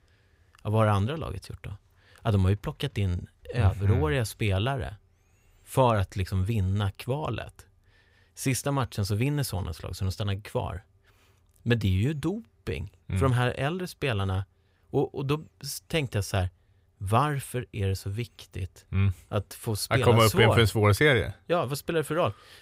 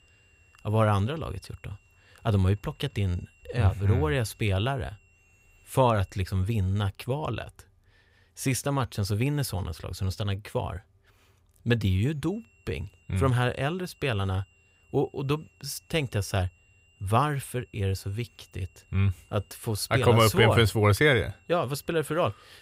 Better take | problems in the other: first | high-pitched whine; faint; until 6.5 s and from 12 s on; 2.5 kHz, 35 dB below the speech

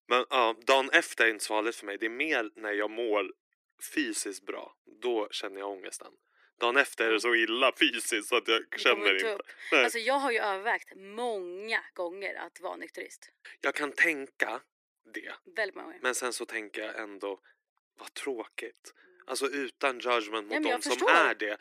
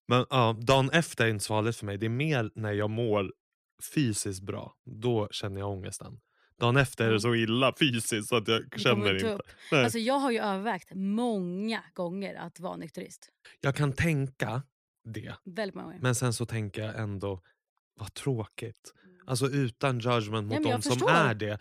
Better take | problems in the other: second | thin; very; fading below 300 Hz

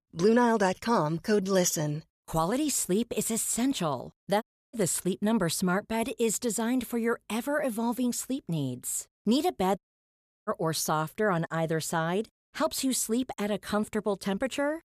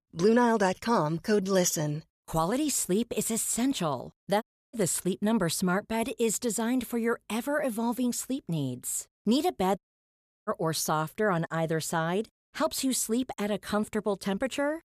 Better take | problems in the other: neither | audio cutting out; at 4.5 s and at 10 s for 0.5 s; the same in both

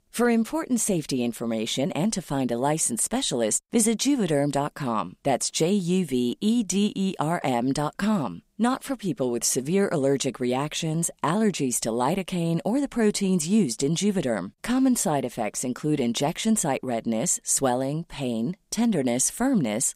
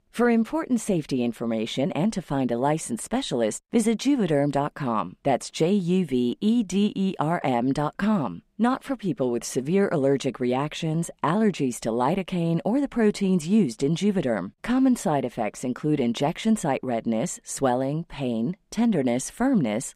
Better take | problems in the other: first | muffled; slightly; fading above 4 kHz

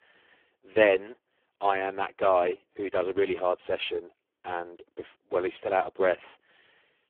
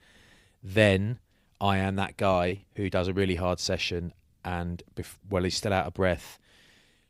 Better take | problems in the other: second | phone-call audio; poor line

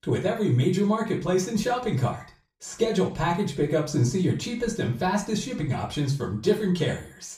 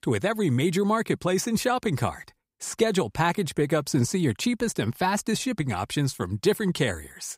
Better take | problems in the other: second | room echo; slight; dies away in 0.4 s // off-mic speech; far

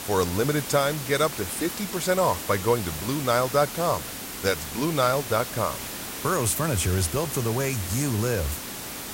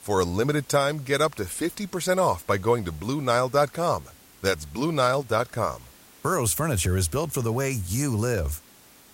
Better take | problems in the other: second | hiss; loud; throughout; 7 dB below the speech; faint in the second

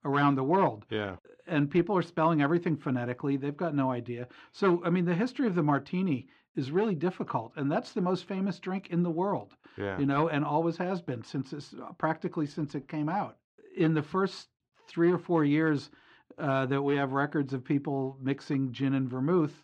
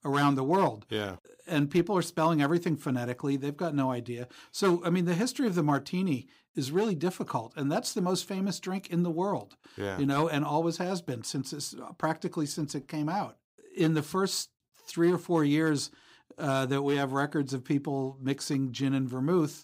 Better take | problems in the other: second | muffled; slightly; fading above 2.5 kHz

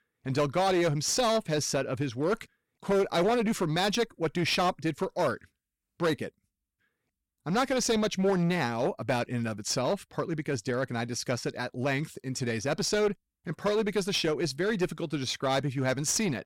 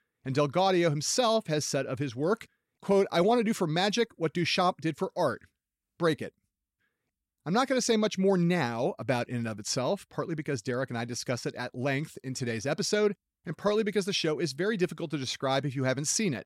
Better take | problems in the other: second | distortion; slight; 9% of the sound clipped

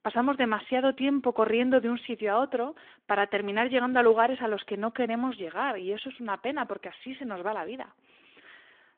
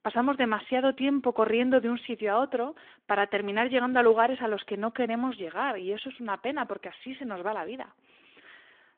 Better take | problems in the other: neither | phone-call audio; the same in both

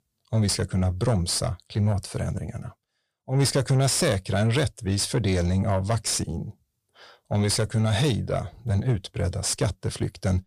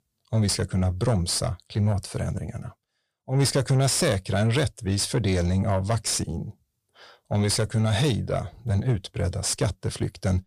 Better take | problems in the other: neither | distortion; slight; 10 dB below the speech; the same in both

